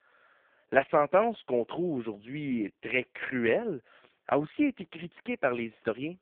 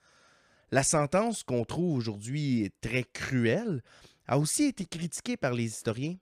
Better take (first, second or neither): second